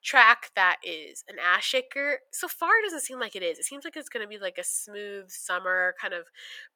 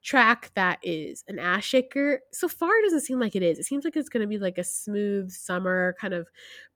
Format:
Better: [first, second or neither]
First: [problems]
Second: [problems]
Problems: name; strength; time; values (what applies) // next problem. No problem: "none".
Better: second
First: thin; very; fading below 850 Hz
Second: none